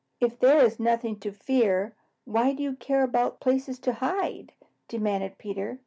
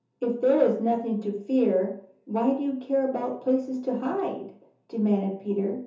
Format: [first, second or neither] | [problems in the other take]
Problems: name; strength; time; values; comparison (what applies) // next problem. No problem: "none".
first | room echo; dies away in 0.6 s